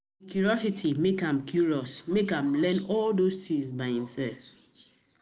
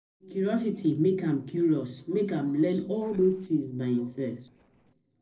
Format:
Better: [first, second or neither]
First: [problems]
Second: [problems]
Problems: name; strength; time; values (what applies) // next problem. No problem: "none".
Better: first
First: none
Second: noise reduction (neural separator model SepFormer DNS4)